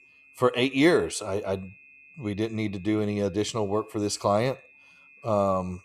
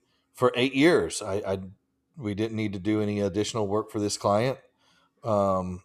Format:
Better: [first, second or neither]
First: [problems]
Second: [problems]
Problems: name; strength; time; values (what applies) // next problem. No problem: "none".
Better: second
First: high-pitched whine; faint; throughout; 2.5 kHz, 25 dB below the speech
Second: none